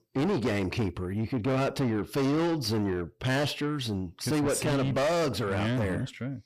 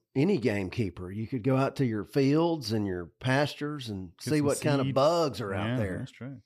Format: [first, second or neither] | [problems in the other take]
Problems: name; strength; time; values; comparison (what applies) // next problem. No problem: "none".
second | distortion; heavy; 7 dB below the speech